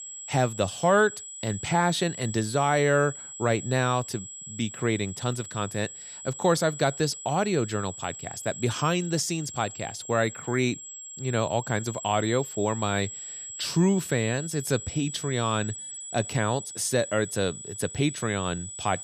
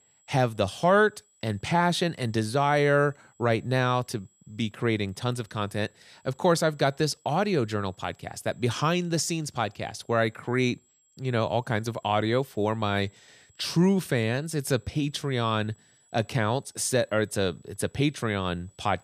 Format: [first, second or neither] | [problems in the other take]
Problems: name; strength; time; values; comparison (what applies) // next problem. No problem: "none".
second | high-pitched whine; loud; throughout; 7.5 kHz, 10 dB below the speech; faint in the second